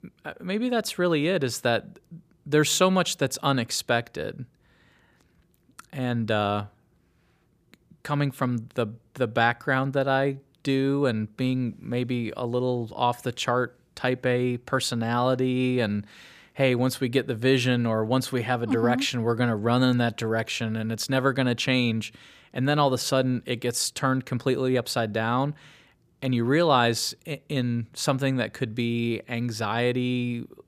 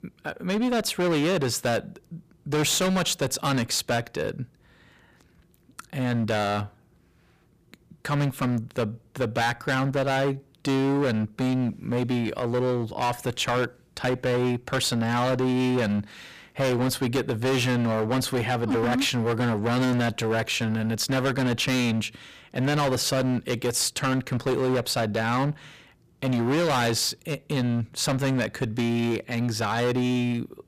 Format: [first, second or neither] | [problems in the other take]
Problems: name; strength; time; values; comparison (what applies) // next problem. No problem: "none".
first | distortion; heavy; 20% of the sound clipped